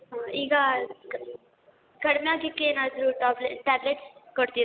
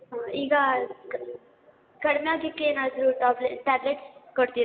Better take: first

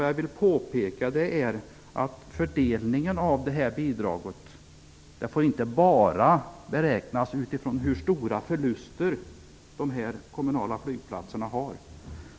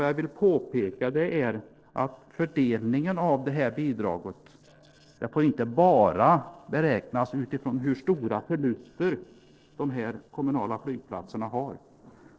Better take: first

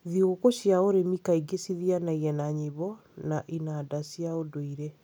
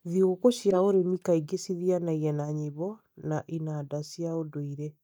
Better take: first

